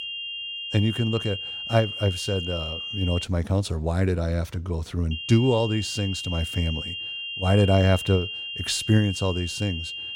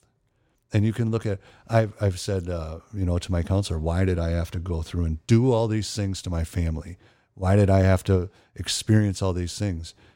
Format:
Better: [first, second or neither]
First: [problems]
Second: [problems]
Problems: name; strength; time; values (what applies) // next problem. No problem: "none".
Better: second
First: high-pitched whine; loud; until 3 s and from 5 s on; 3 kHz, 6 dB below the speech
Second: none